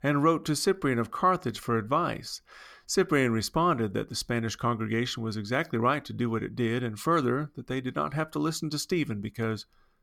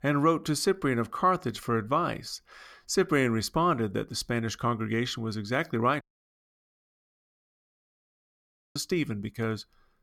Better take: first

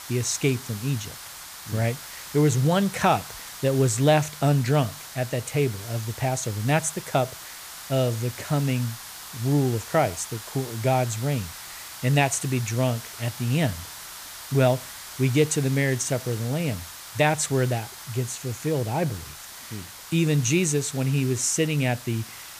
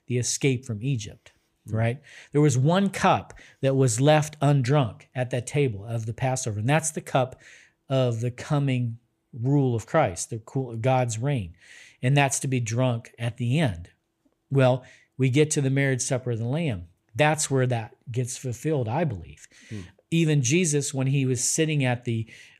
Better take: second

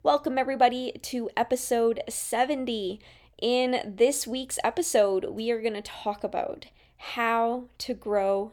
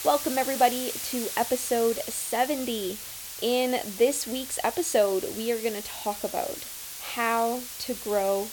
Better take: first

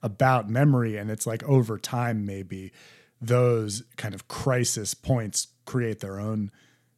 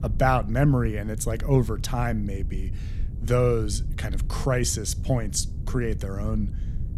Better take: first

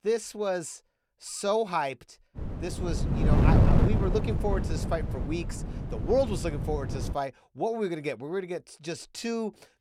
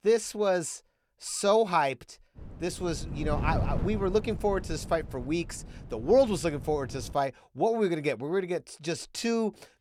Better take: second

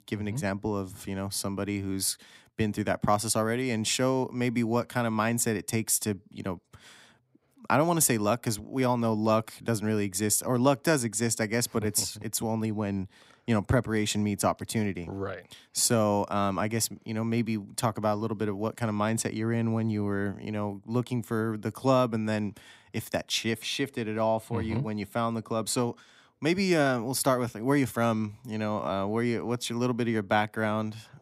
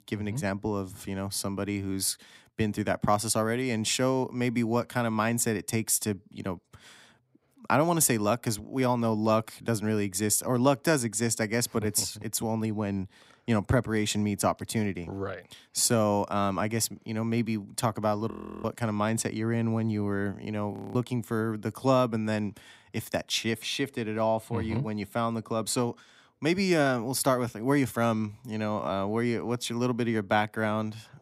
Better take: first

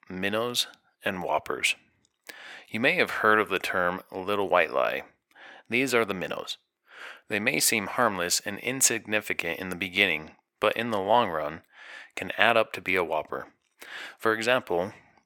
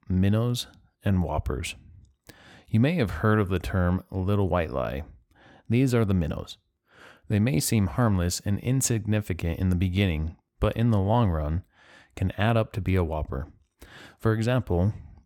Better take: second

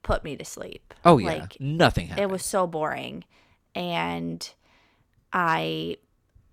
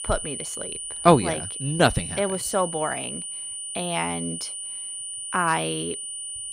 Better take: first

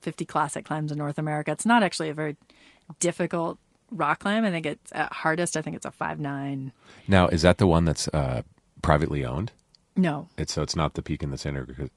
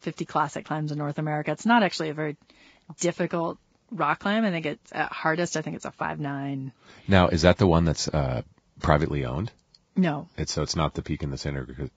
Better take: first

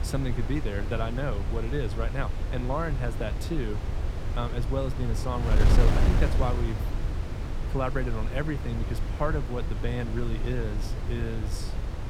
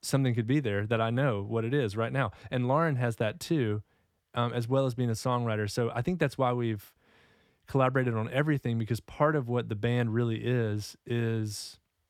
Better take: second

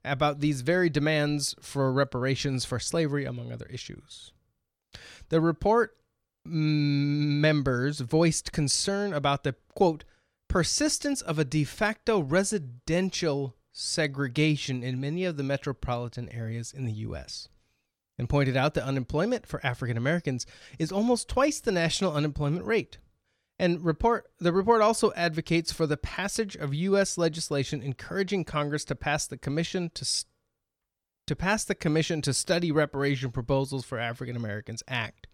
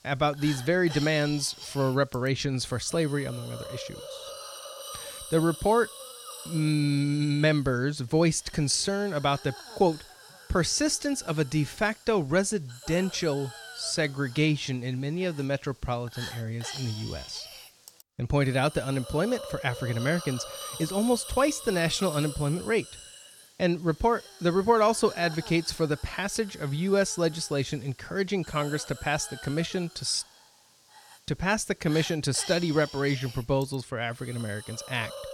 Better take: first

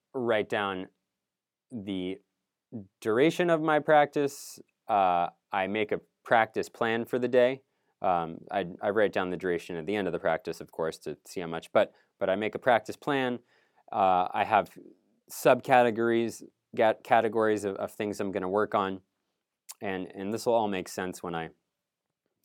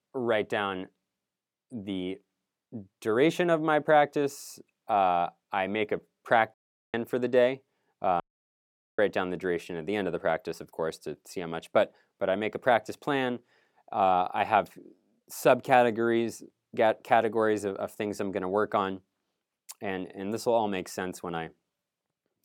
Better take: first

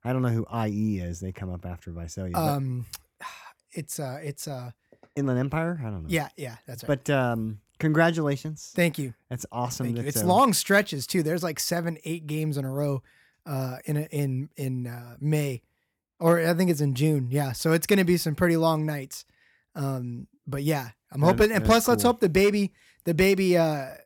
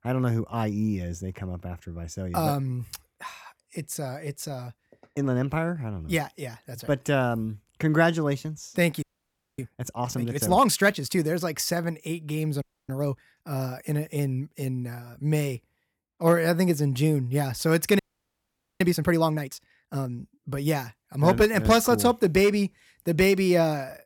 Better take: first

